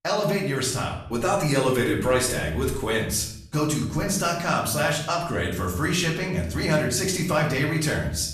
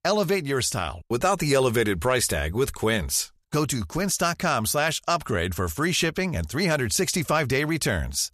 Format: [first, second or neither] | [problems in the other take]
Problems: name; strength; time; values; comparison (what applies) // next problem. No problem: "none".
second | room echo; noticeable; dies away in 0.6 s // off-mic speech; far